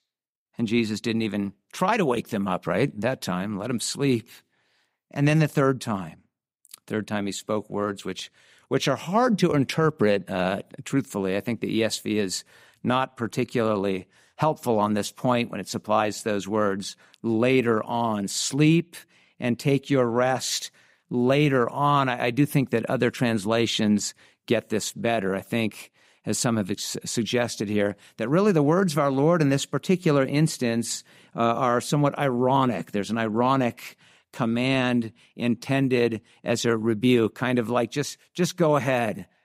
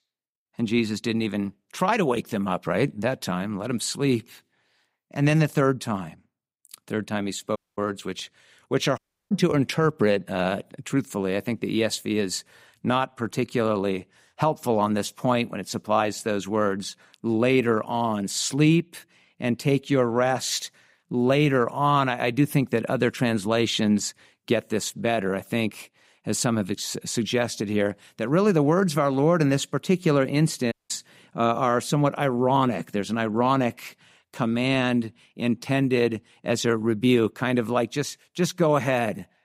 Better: first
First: none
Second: audio cutting out; at 7.5 s, at 9 s and at 31 s

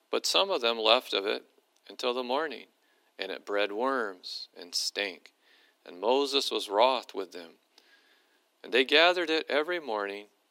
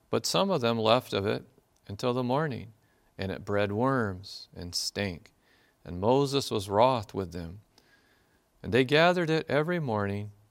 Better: second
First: thin; somewhat; fading below 300 Hz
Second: none

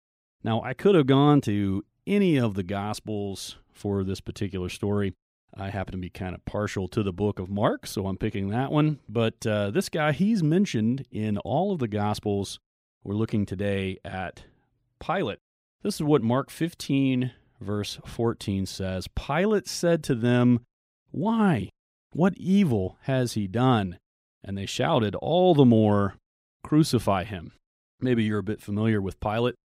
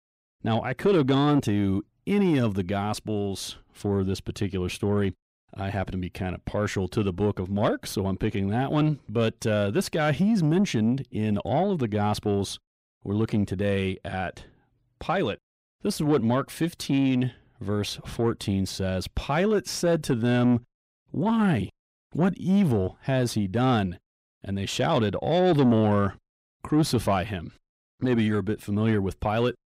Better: first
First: none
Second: distortion; slight; 10 dB below the speech

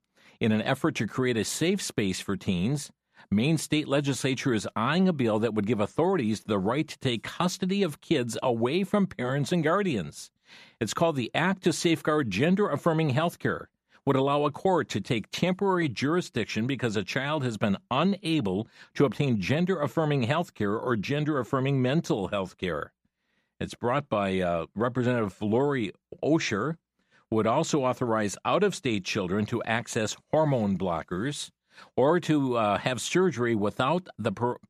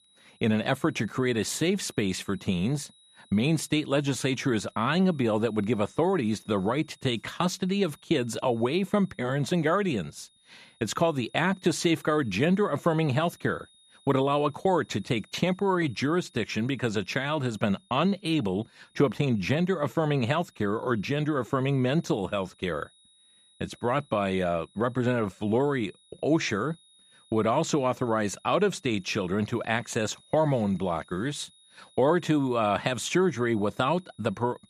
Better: first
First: none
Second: high-pitched whine; faint; throughout; 3.5 kHz, 30 dB below the speech

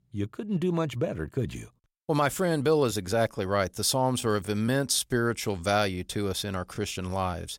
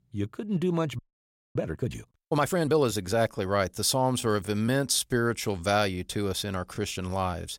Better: first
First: none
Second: audio freezing; at 1 s for 0.5 s

